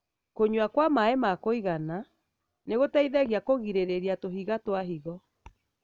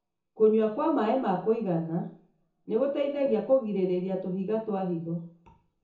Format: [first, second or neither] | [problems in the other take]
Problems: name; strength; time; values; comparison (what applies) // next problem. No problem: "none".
first | room echo; dies away in 0.6 s